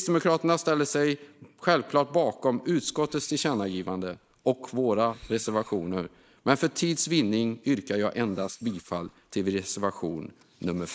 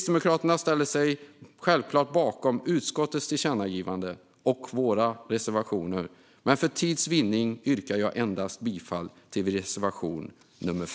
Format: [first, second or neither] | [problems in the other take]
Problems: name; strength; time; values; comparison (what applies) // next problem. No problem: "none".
second | noise reduction (neural mask model Resemble Enhance denoiser)